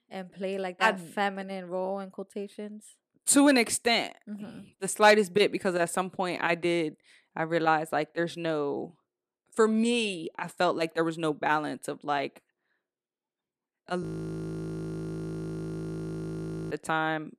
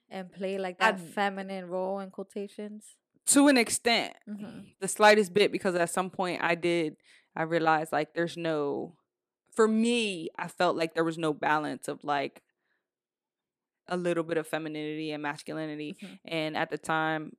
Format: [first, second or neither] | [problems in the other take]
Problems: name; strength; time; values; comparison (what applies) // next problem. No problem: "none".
second | audio freezing; at 14 s for 2.5 s